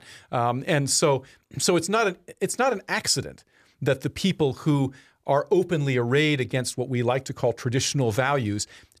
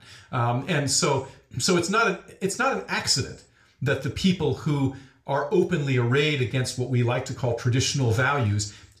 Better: first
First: none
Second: room echo; very slight; dies away in 0.3 s

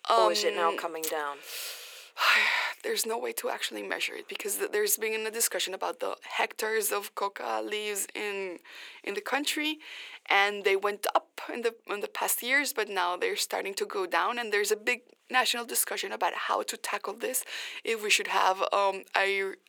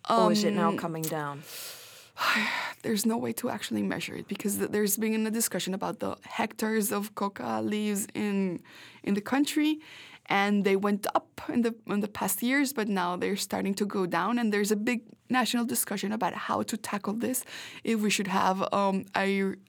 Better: second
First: thin; very; fading below 400 Hz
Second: none

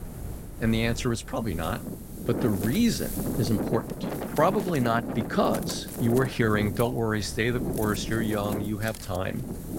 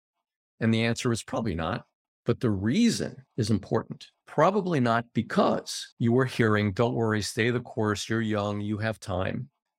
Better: second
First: wind noise on the microphone; heavy; 9 dB below the speech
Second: none

